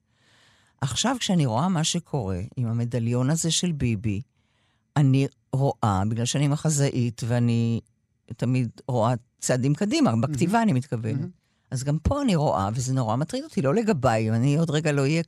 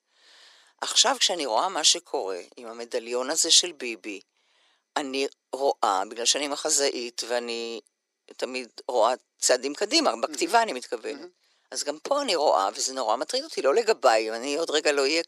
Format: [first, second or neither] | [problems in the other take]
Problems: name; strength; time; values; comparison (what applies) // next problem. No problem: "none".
first | thin; very; fading below 350 Hz